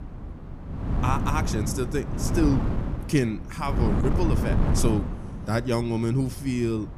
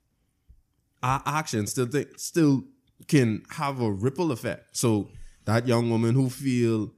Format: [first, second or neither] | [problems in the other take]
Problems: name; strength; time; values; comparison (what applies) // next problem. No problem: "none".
second | wind noise on the microphone; heavy; 5 dB below the speech